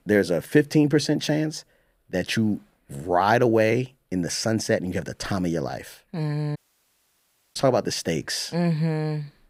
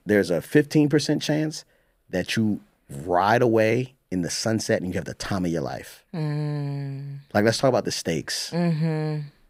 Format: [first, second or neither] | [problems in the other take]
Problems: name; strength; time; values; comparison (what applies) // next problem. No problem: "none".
second | audio cutting out; at 6.5 s for 1 s